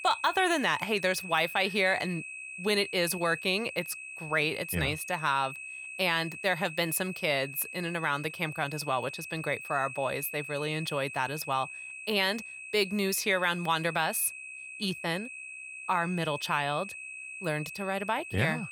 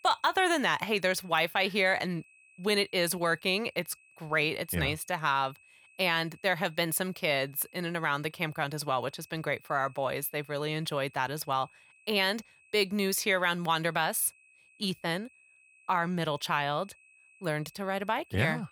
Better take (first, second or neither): second